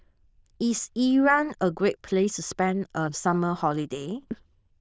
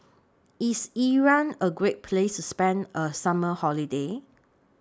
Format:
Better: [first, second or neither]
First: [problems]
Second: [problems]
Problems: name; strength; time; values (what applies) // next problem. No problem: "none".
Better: second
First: noise reduction (neural diffusion model UNIVERSE++)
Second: none